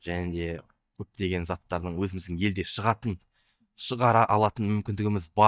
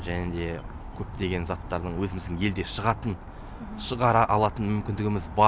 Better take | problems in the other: second | noise reduction (neural mask model DeepFilterNet 3)

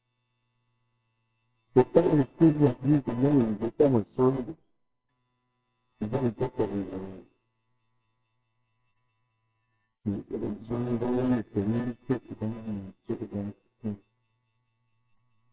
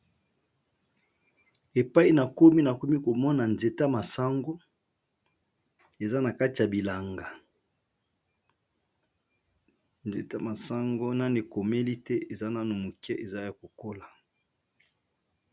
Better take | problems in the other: second | noise reduction (neural separator model SepFormer WHAMR!)

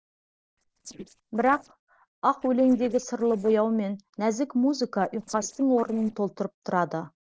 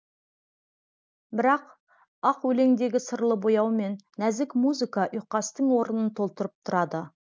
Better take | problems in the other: second | noise reduction (neural separator model SepFormer DNS4)

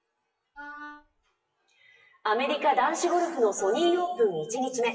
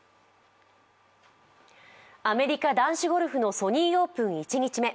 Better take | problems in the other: second | noise reduction (classical method WPE with log-MMSE)

